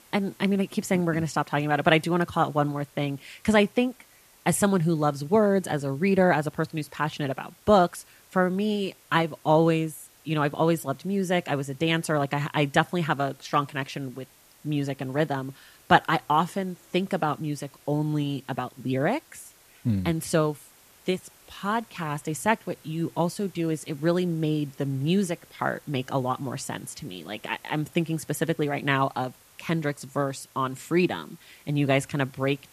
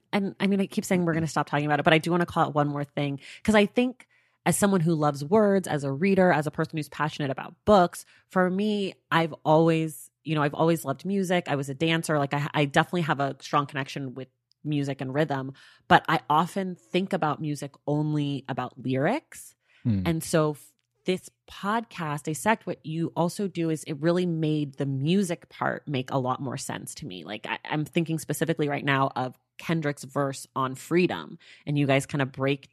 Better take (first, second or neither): second